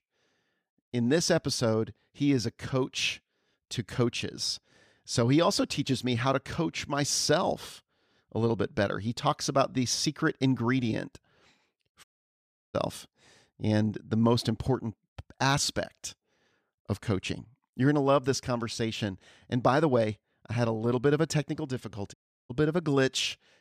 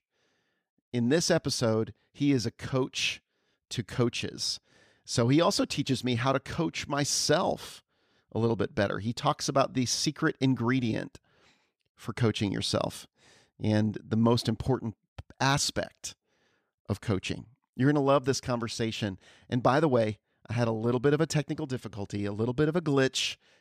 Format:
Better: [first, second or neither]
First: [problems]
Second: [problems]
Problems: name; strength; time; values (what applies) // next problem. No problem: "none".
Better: second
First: audio cutting out; at 12 s for 0.5 s and at 22 s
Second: none